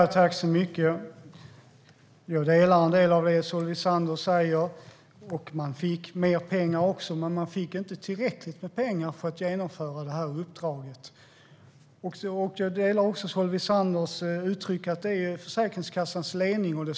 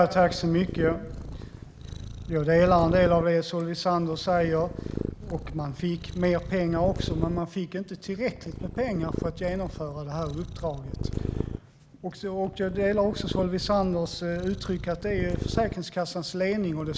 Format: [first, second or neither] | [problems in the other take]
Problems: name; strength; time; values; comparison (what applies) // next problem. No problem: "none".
first | background sound (Purr); 8 dB below the speech